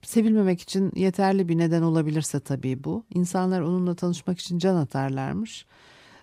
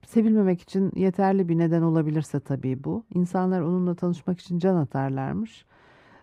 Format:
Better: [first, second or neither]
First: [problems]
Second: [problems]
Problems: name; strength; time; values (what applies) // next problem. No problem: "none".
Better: first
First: none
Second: muffled; slightly; fading above 2.5 kHz